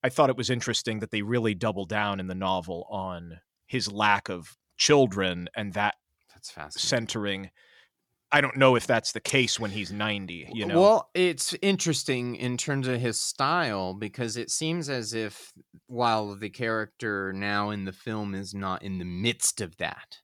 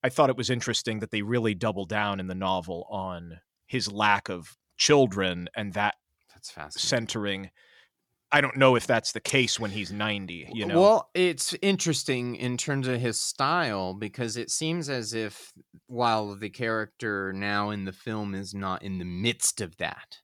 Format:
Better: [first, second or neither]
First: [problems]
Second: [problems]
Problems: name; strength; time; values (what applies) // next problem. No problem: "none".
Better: neither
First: none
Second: none